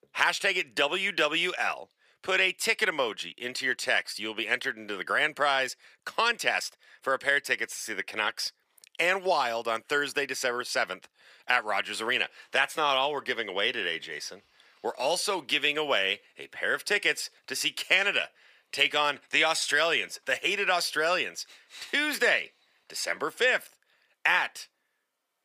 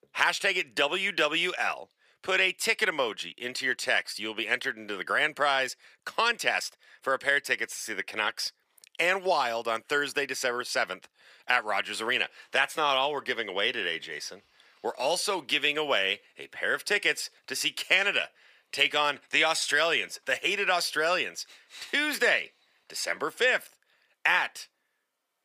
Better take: neither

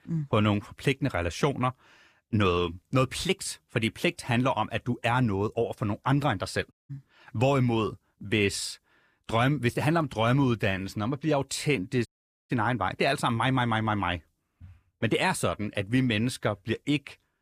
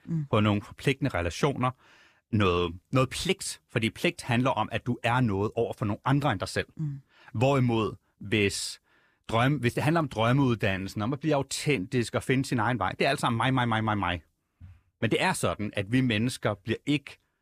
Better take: second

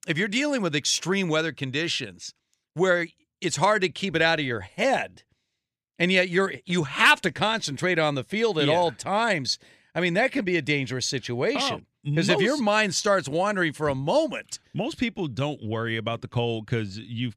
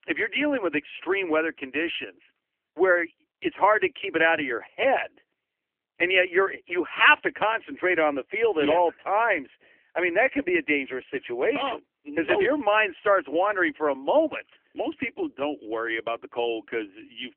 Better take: first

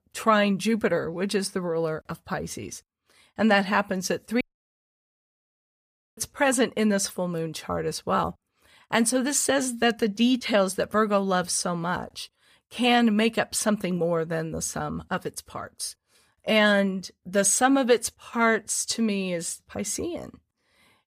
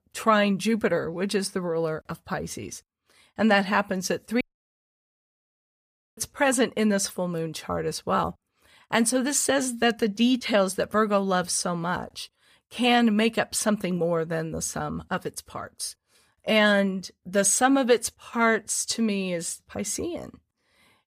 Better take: neither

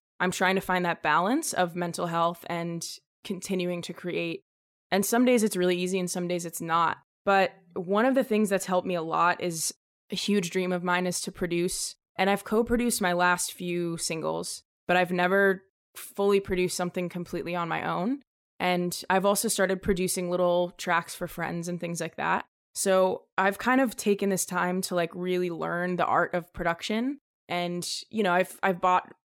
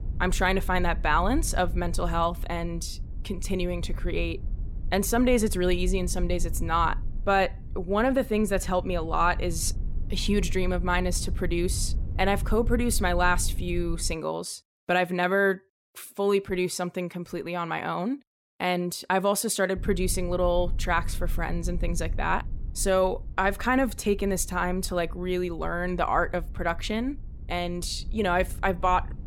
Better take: first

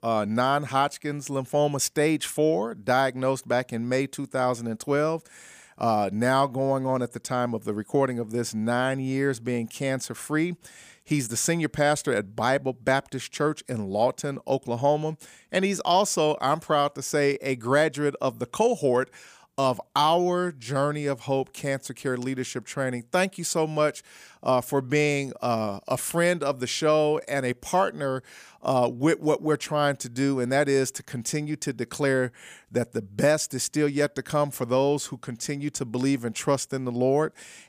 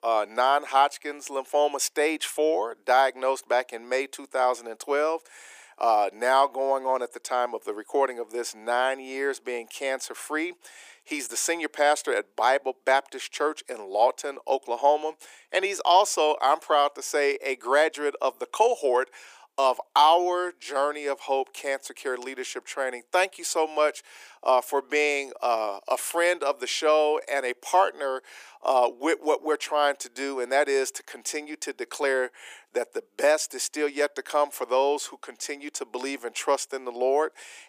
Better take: first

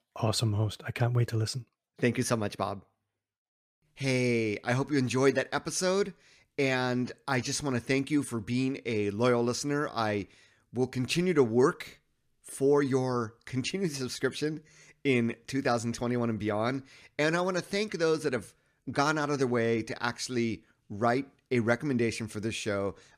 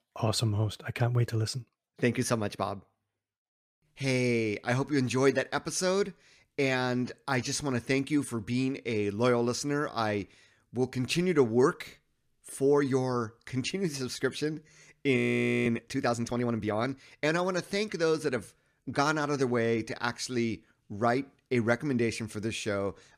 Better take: first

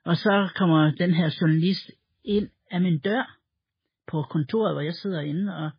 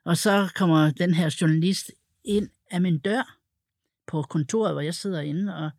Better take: second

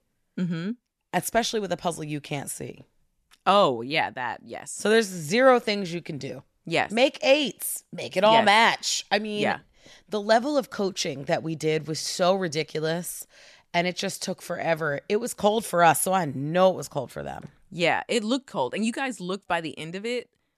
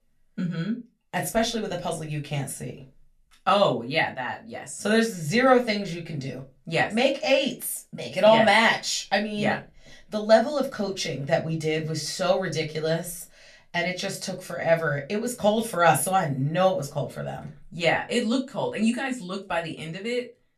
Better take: first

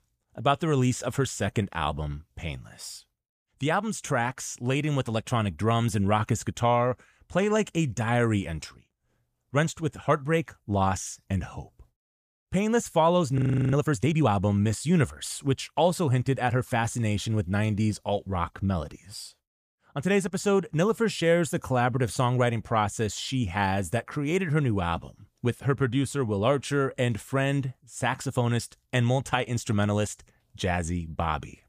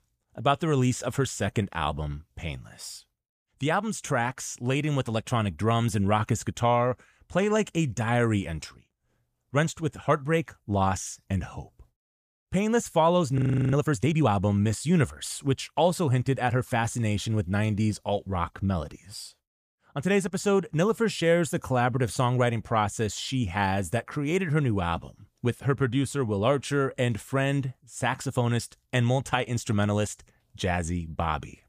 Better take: neither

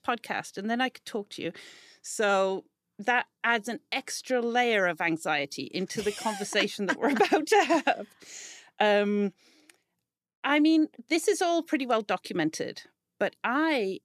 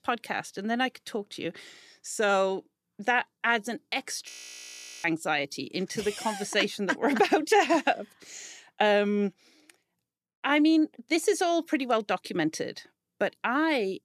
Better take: first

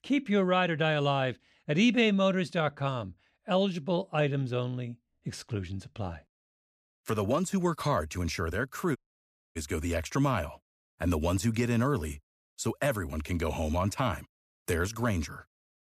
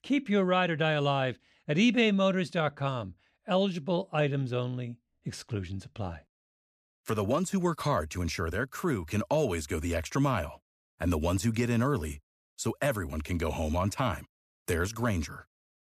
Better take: second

